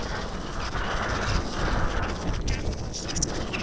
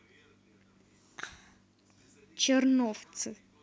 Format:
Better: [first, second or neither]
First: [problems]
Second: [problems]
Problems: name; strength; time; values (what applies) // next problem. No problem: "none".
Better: second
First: noise reduction (neural separator model SepFormer DNS4)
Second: none